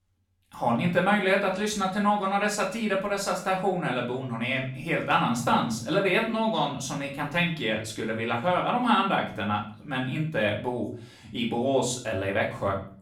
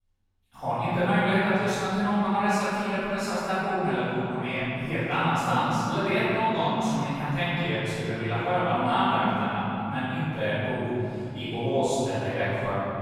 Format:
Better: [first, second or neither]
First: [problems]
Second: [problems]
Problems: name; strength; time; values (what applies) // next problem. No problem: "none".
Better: first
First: room echo; slight; dies away in 0.4 s // off-mic speech; far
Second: room echo; strong; dies away in 3 s // off-mic speech; far